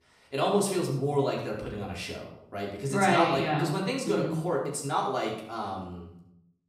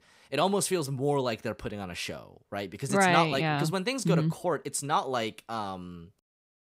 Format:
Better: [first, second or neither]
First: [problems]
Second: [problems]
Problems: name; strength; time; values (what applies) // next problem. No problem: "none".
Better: second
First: off-mic speech; far // room echo; noticeable; dies away in 0.6 s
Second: none